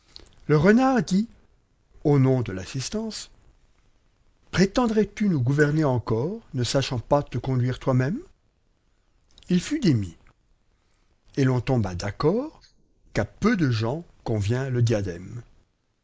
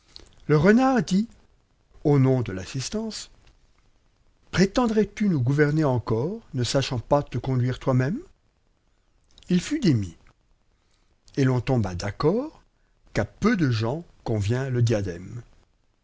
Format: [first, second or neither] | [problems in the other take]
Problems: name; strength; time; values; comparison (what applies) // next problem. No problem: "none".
second | noise reduction (neural mask model Resemble Enhance denoiser)